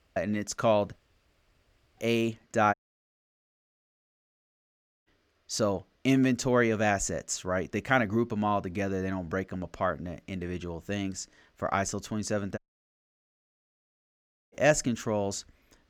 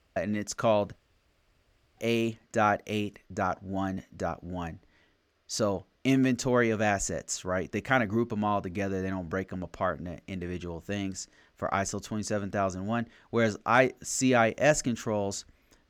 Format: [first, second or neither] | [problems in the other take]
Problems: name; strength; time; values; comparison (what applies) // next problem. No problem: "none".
second | audio cutting out; at 2.5 s for 2.5 s and at 13 s for 2 s